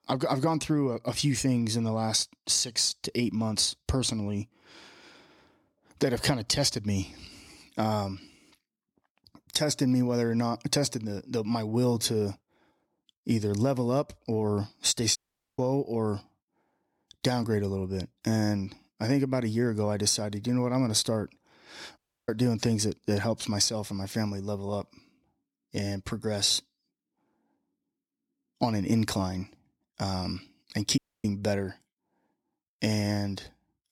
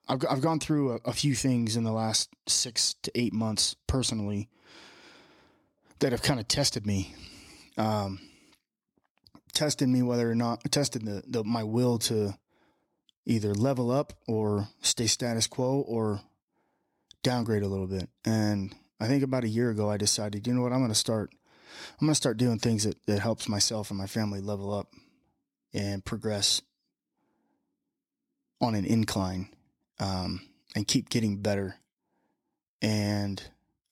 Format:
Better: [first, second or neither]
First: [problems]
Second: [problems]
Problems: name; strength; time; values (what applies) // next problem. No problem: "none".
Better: second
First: audio cutting out; at 15 s, at 22 s and at 31 s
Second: none